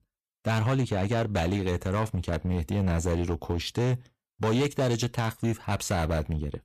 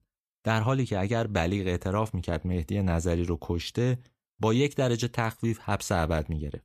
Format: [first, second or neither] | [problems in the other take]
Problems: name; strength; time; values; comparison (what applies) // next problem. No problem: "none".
second | distortion; slight; 9% of the sound clipped